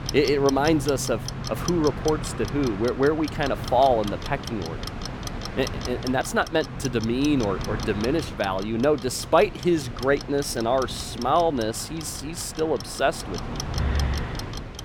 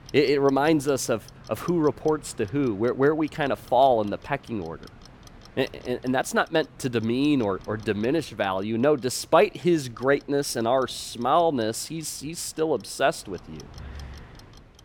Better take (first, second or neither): second